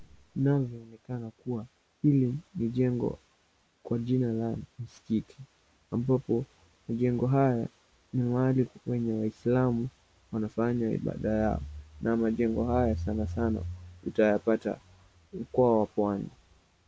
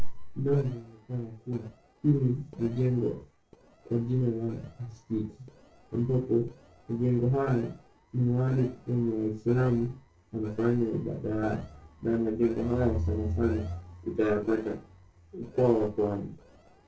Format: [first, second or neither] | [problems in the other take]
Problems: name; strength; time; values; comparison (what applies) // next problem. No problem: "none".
first | noise reduction (neural separator model SepFormer DNS4)